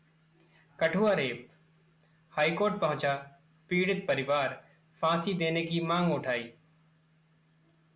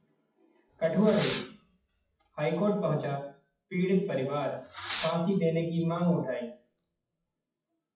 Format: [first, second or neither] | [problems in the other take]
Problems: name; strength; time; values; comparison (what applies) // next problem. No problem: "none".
first | noise reduction (classical method WPE with log-MMSE)